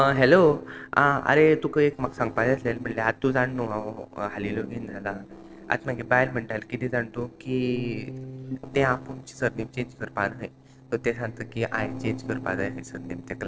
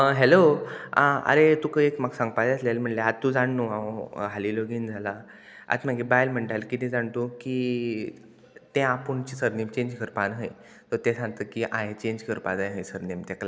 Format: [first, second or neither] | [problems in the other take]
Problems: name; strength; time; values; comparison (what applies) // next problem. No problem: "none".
second | noise reduction (neural separator model SepFormer DNS4)